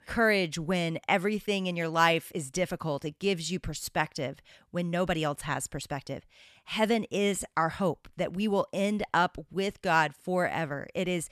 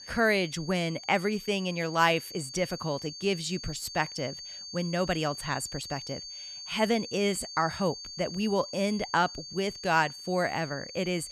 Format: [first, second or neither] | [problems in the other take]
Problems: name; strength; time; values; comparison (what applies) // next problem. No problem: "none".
first | high-pitched whine; noticeable; throughout; 4.5 kHz, 10 dB below the speech